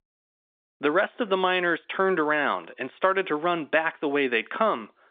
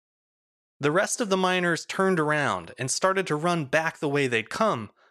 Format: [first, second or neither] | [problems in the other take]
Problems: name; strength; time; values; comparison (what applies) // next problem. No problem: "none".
second | phone-call audio